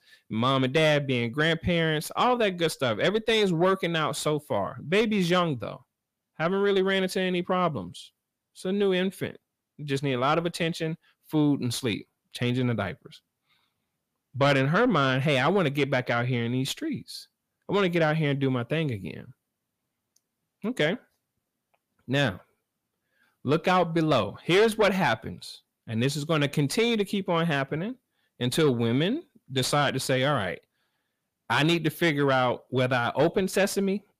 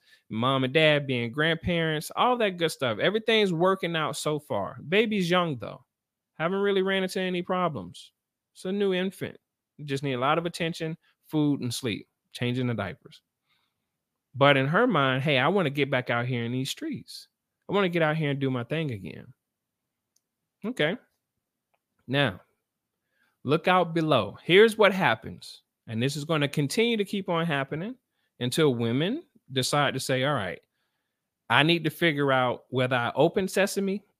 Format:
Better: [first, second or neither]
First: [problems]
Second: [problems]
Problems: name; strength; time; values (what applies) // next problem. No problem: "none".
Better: second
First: distortion; slight; 10 dB below the speech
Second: none